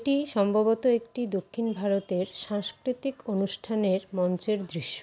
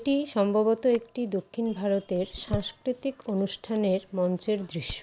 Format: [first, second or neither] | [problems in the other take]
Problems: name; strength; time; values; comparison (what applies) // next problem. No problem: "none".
first | background sound (Chewing, mastication); 16 dB below the speech